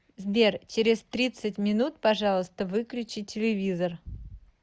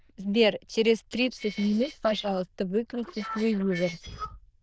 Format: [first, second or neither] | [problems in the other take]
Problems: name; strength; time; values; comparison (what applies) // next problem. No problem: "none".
first | noise reduction (neural diffusion model UNIVERSE++)